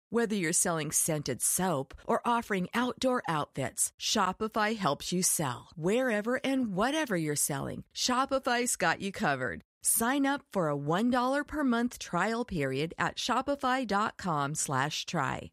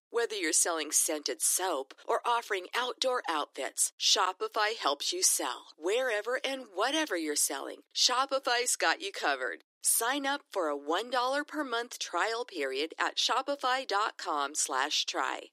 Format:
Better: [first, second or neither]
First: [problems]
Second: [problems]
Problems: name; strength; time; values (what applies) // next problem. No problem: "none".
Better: first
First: none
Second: thin; somewhat; fading below 300 Hz